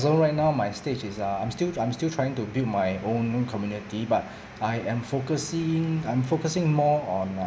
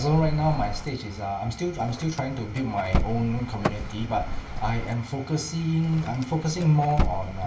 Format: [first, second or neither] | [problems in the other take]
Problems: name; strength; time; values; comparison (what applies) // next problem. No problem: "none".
first | background sound (Car); 5 dB below the speech // room echo; dies away in 0.2 s